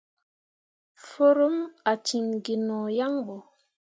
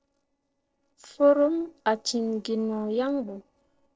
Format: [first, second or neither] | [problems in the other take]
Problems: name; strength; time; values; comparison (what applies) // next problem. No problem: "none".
first | noise reduction (neural separator model SepFormer DNS4)